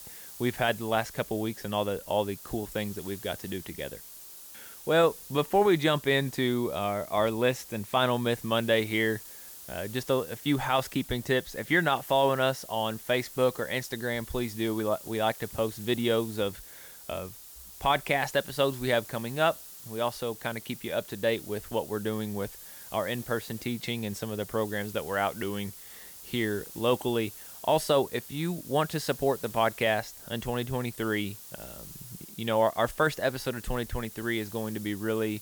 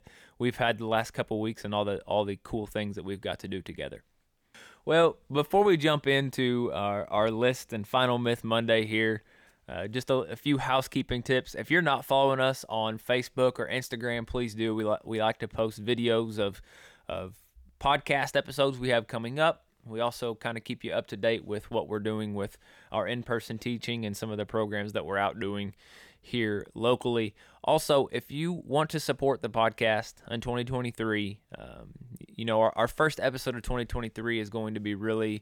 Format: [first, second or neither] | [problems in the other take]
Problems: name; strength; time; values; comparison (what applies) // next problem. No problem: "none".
second | hiss; noticeable; throughout; 15 dB below the speech